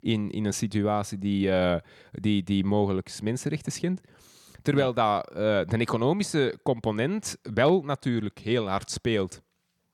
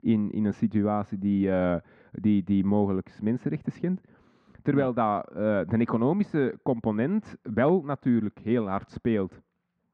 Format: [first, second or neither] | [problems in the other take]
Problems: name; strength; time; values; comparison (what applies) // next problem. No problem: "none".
first | muffled; very; fading above 1.5 kHz